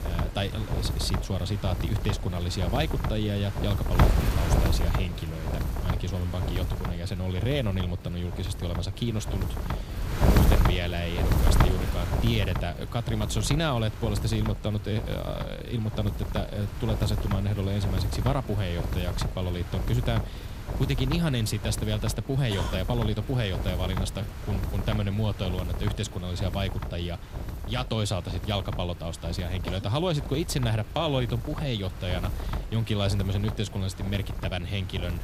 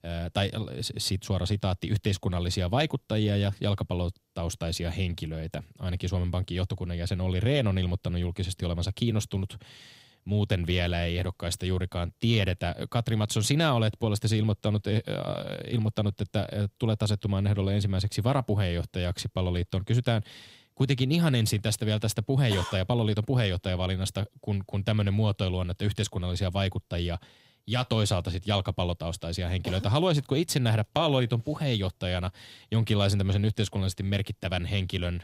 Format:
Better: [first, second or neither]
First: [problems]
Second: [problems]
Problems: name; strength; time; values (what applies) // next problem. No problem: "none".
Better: second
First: wind noise on the microphone; heavy; 4 dB below the speech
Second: none